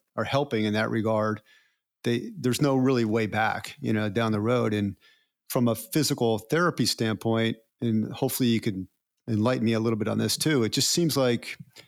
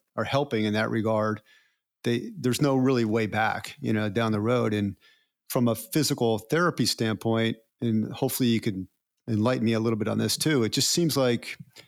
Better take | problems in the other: neither | none

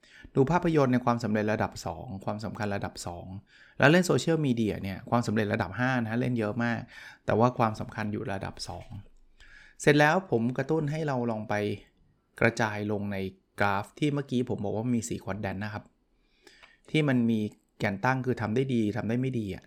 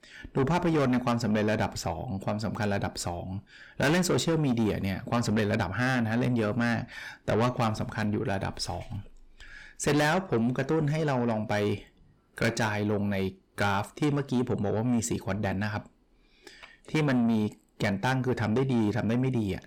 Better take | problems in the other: first | distortion; heavy; 7 dB below the speech

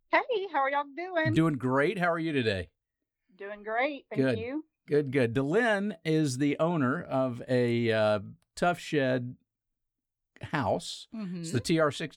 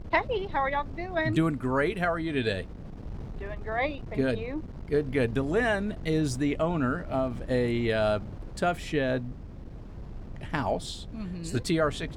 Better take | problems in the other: first | wind noise on the microphone; occasional gusts; 20 dB below the speech

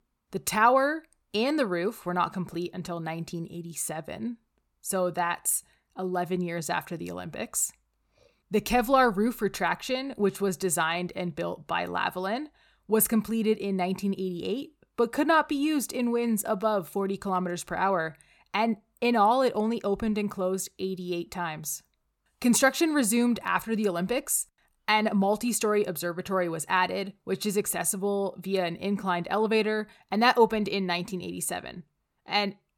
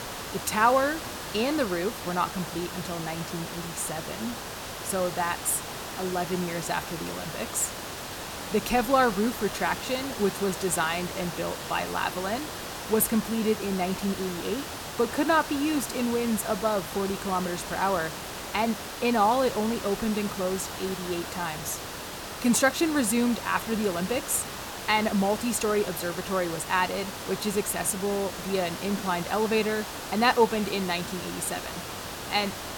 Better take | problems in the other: first | hiss; loud; throughout; 7 dB below the speech

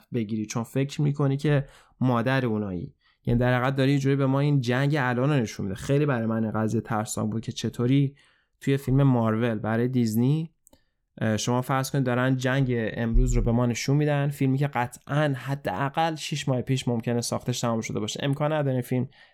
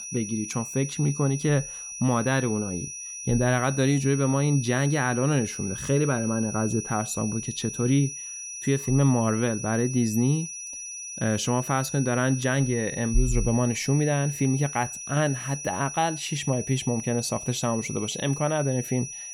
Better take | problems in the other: first | high-pitched whine; loud; throughout; 6 kHz, 8 dB below the speech

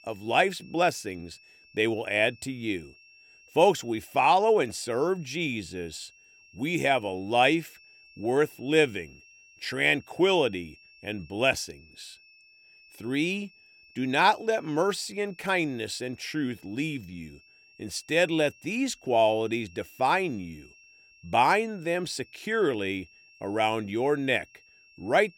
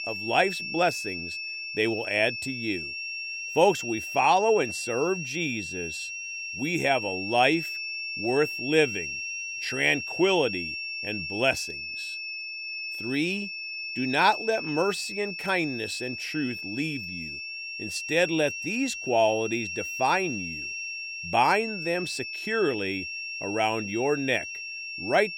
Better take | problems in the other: first | high-pitched whine; loud; throughout; 2.5 kHz, 6 dB below the speech; faint in the first

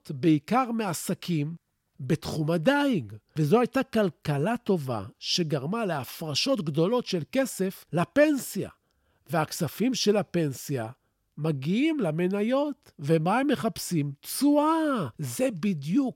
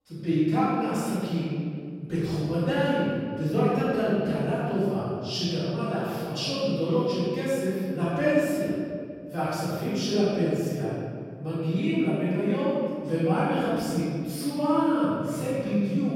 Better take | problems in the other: first | room echo; strong; dies away in 2.1 s // off-mic speech; far

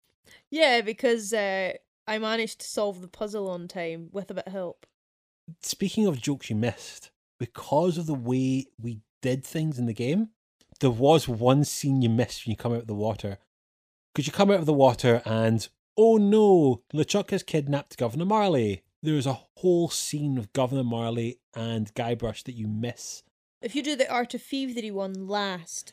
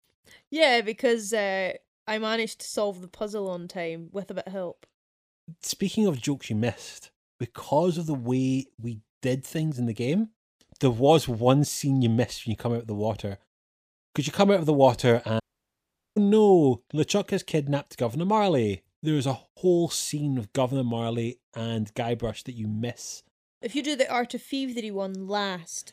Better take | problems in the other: first | audio cutting out; at 15 s for 1 s

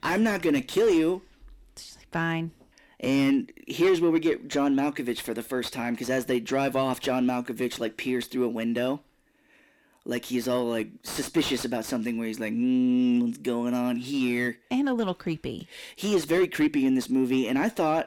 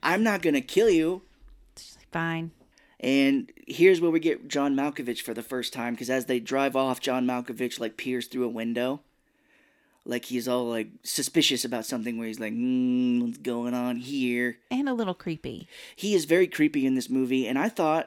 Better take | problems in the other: second | distortion; slight; 10 dB below the speech

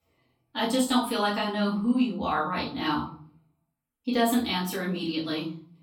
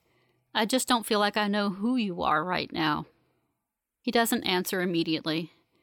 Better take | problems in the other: second | off-mic speech; far // room echo; slight; dies away in 0.4 s

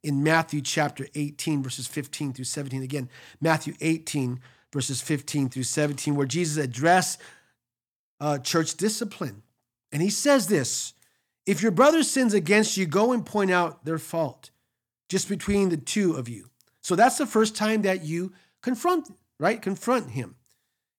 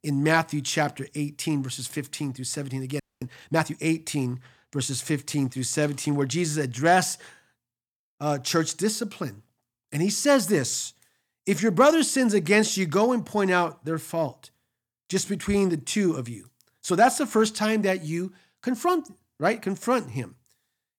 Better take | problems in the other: first | audio freezing; at 3 s

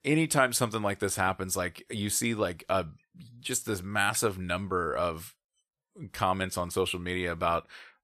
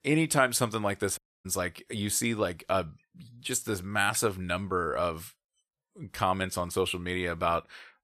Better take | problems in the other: first | audio cutting out; at 1 s

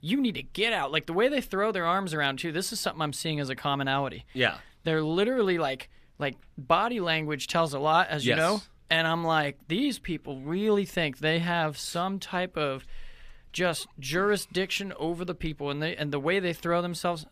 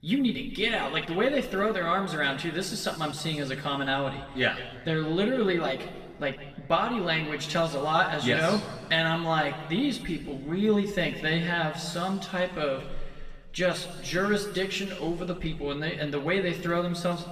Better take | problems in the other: first | room echo; noticeable; dies away in 1.6 s // off-mic speech; far

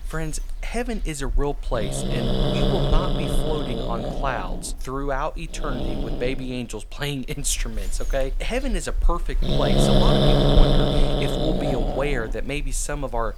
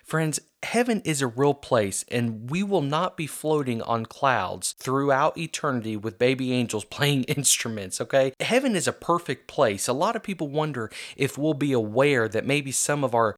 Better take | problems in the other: second | animal sounds; very loud; throughout; 4 dB above the speech

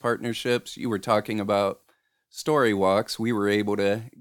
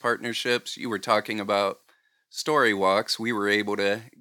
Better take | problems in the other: first | thin; very slightly; fading below 500 Hz

